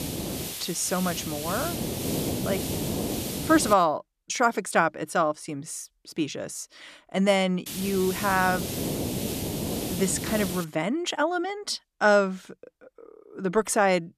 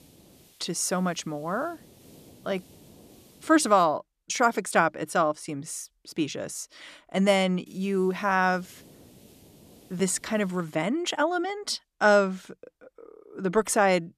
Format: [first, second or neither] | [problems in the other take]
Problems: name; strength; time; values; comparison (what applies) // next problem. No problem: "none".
second | hiss; loud; until 3.5 s and from 7.5 to 11 s; 5 dB below the speech; faint in the second